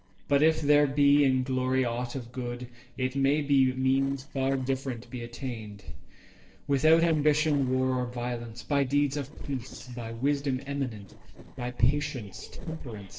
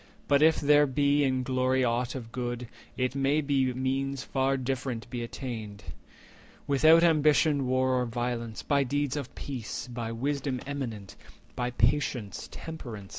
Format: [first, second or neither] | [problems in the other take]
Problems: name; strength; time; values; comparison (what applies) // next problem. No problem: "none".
second | noise reduction (neural separator model SepFormer DNS4)